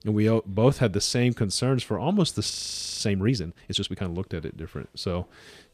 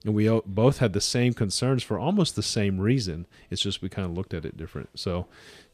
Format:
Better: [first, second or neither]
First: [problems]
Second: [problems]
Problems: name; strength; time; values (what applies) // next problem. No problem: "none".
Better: second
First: audio freezing; at 2.5 s for 0.5 s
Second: none